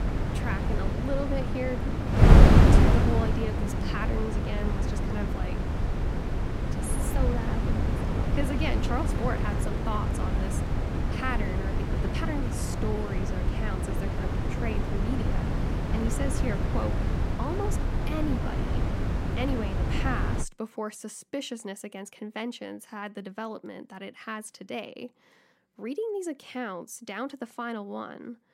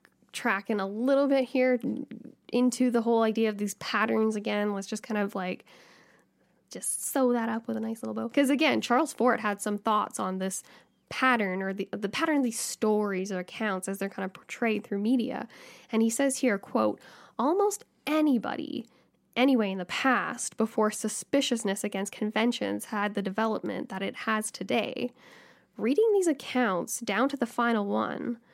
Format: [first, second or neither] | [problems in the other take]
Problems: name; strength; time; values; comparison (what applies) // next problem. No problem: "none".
second | wind noise on the microphone; heavy; until 20 s; 2 dB above the speech